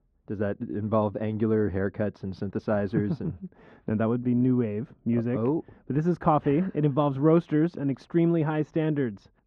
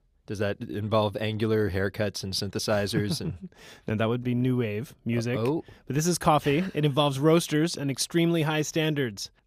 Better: second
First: muffled; very; fading above 1 kHz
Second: none

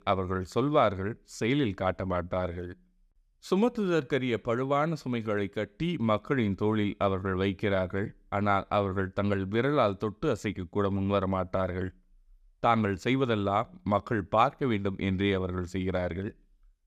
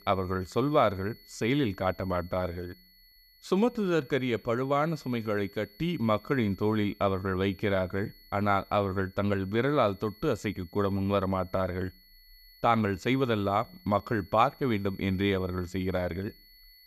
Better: first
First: none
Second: high-pitched whine; faint; throughout; 4.5 kHz, 25 dB below the speech

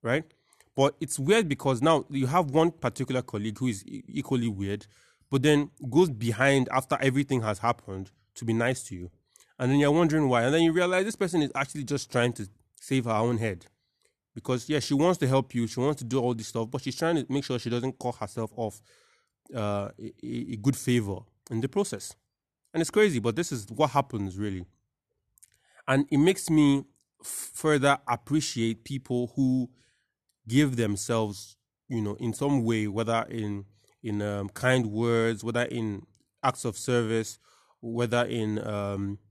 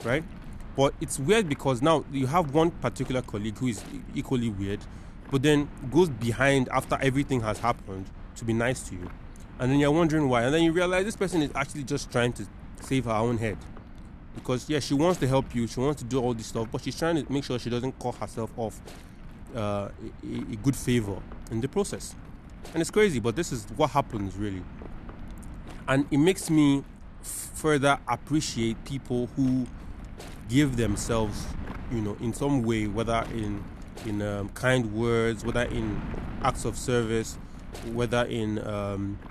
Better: first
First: none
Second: wind noise on the microphone; occasional gusts; 20 dB below the speech

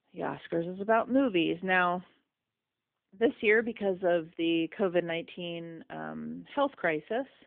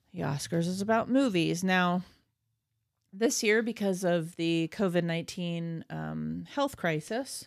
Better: second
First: phone-call audio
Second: none

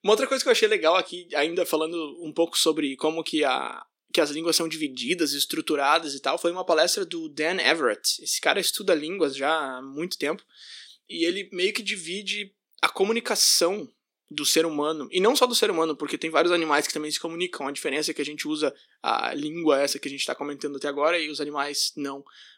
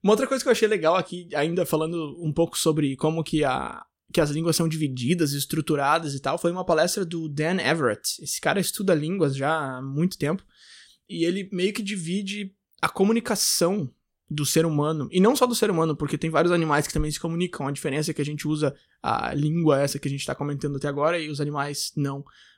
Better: second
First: thin; somewhat; fading below 300 Hz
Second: none

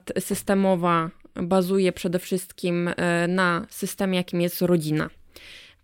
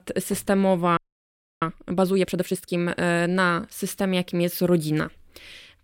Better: first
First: none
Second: audio freezing; at 1 s for 0.5 s

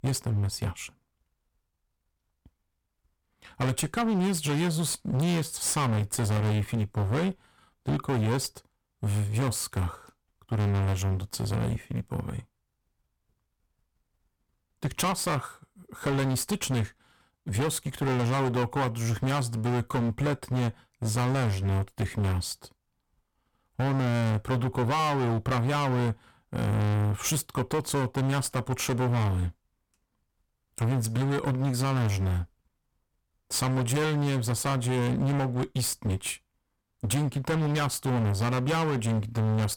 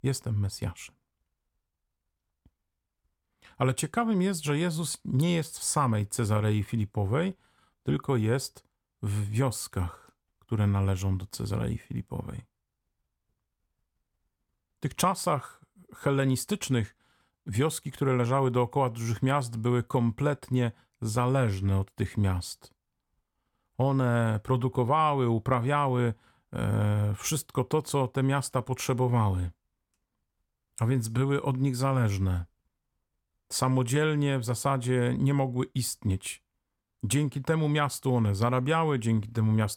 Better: second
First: distortion; heavy; 23% of the sound clipped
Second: none

